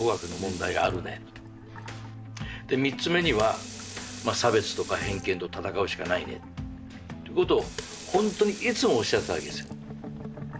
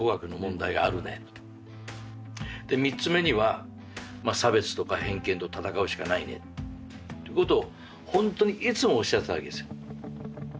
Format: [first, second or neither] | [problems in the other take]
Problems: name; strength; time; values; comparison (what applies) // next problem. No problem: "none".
second | background sound (Sink (filling or washing) / Water tap, faucet); 15 dB below the speech